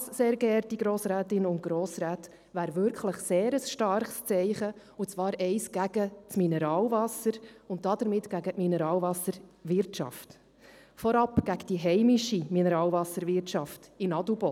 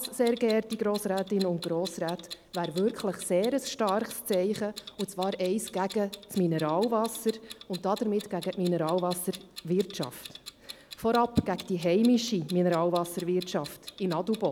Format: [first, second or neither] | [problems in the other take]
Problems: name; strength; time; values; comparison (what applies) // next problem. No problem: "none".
first | background sound (Clock); 18 dB below the speech